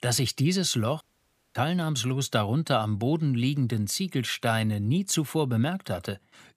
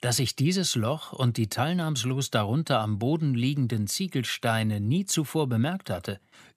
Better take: second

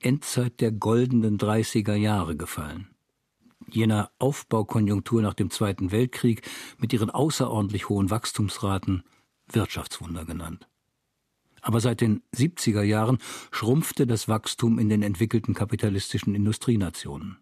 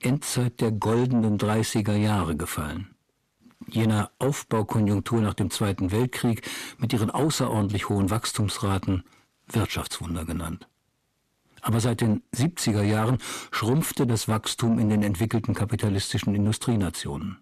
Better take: first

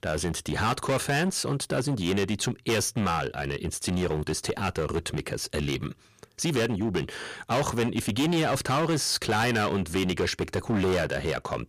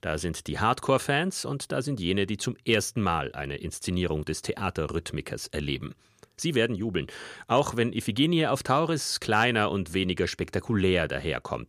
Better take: second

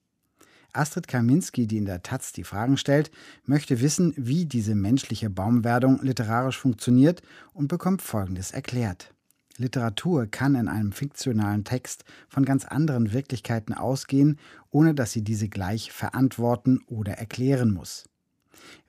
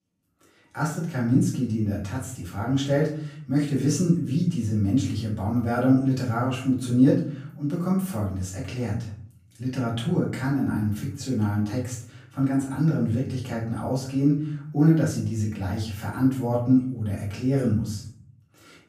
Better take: first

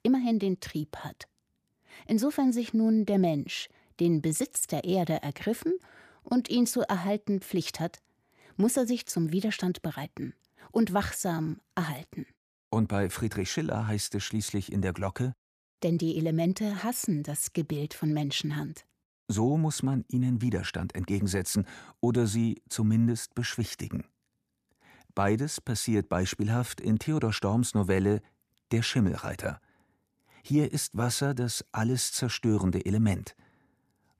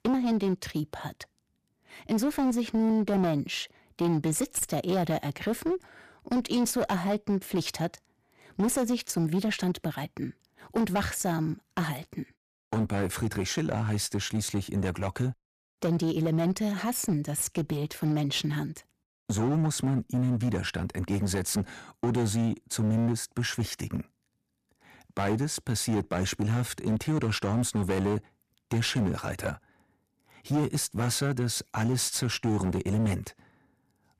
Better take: first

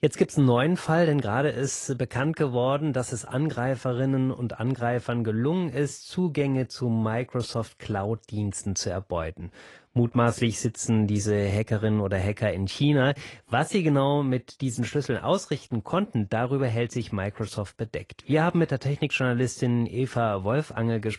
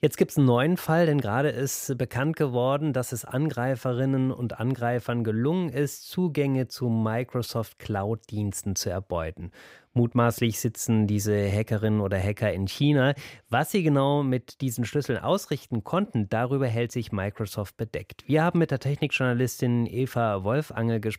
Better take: second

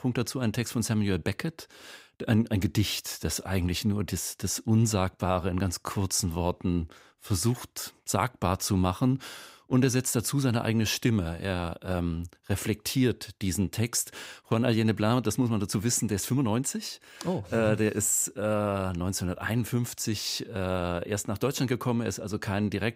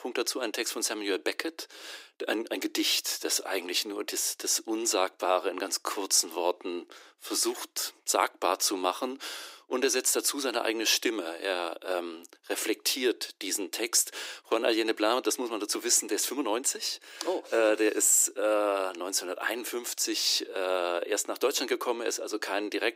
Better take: first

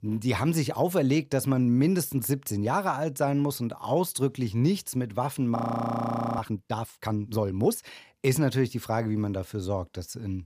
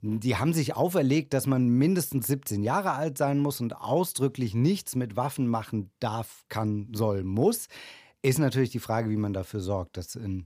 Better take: second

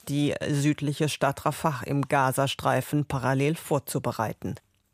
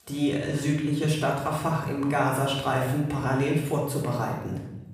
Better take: first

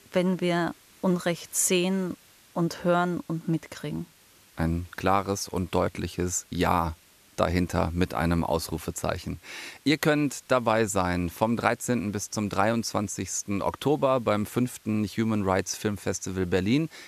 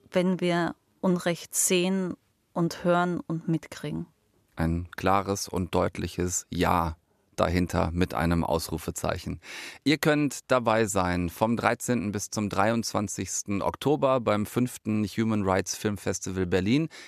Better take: second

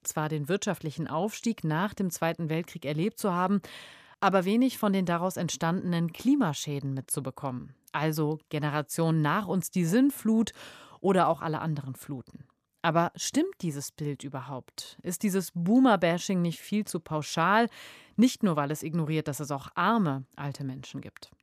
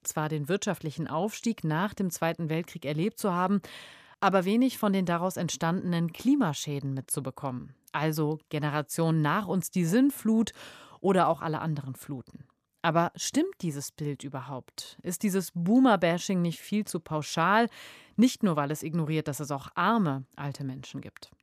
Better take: neither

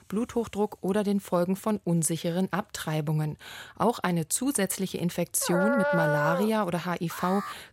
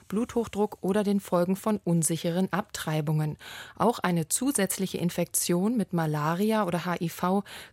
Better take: second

